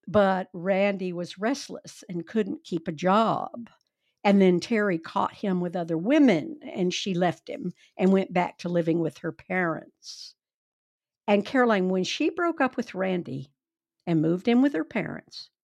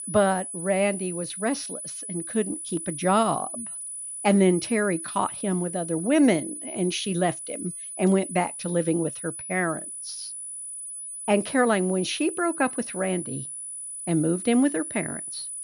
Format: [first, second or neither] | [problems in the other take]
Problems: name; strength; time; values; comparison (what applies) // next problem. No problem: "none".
first | high-pitched whine; loud; throughout; 10 kHz, 8 dB below the speech